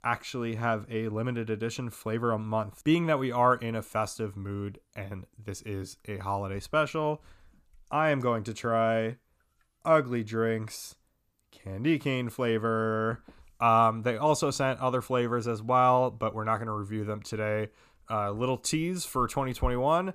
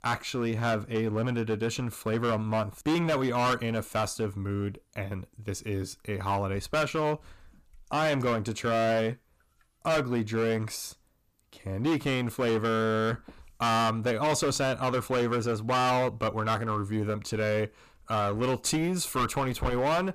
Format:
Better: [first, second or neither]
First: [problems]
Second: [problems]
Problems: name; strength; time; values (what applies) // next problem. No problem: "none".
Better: first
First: none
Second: distortion; heavy; 14% of the sound clipped